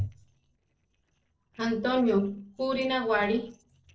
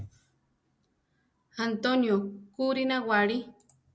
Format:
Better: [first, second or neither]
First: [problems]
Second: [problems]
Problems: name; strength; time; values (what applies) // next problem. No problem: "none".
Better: second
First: noise reduction (neural separator model SepFormer DNS4)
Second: none